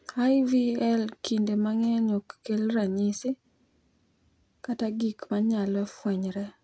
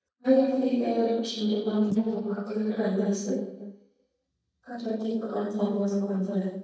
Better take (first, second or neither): first